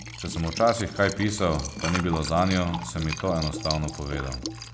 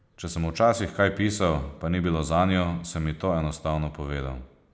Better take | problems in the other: second | background sound (Liquid); 9 dB below the speech

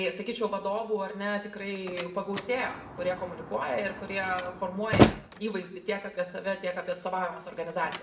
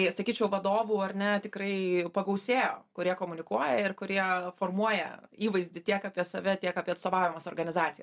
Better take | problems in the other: second | background sound (Slam); 1 dB below the speech // room echo; dies away in 0.7 s

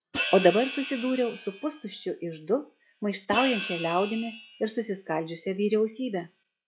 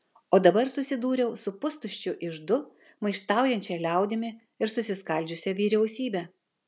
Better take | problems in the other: second | noise reduction (classical method log-MMSE)

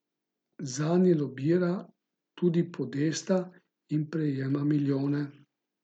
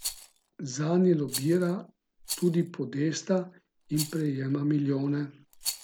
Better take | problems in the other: first | background sound (Rattle); 13 dB below the speech

